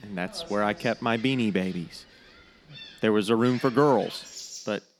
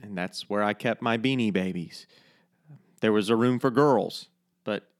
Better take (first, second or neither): second